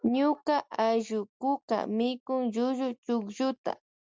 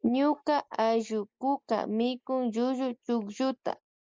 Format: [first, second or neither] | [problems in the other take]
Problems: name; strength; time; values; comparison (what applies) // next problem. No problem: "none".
first | noise reduction (neural mask model Resemble Enhance denoiser)